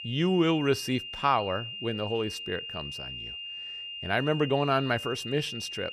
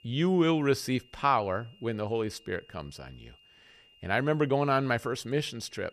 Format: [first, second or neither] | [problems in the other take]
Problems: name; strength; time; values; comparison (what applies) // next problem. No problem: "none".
second | high-pitched whine; loud; throughout; 3 kHz, 8 dB below the speech; faint in the second